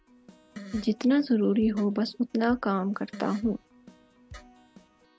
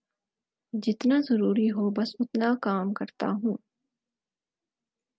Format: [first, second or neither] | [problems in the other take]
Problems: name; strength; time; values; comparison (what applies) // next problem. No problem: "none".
second | background sound (Fart + Keyboard (musical)); 20 dB below the speech